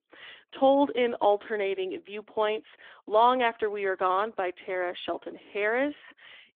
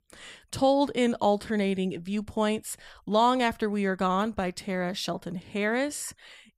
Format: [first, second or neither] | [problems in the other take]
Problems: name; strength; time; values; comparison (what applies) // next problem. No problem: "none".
second | phone-call audio; nothing above 3.5 kHz